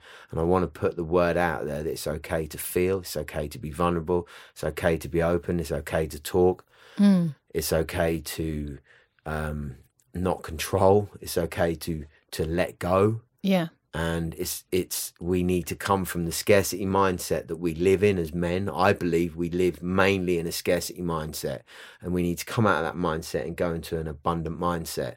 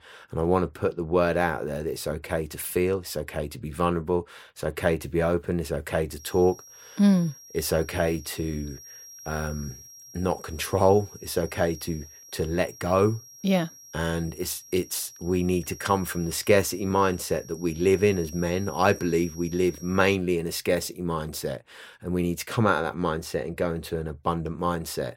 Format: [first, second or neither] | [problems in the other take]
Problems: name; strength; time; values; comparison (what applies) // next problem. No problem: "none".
first | high-pitched whine; noticeable; from 6 to 20 s; 5.5 kHz, 20 dB below the speech